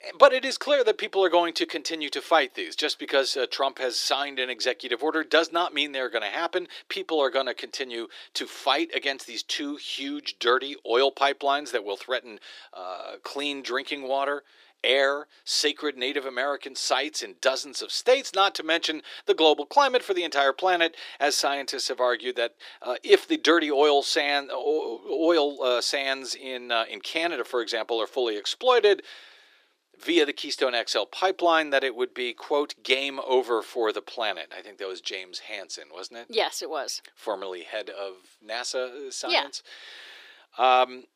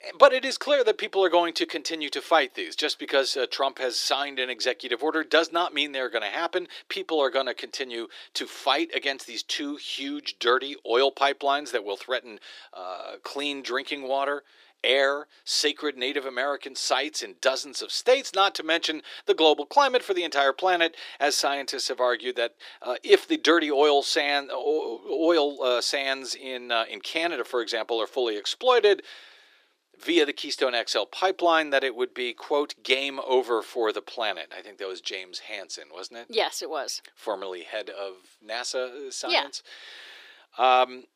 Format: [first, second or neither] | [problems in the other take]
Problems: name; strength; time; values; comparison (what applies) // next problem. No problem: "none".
neither | thin; very; fading below 350 Hz; the same in both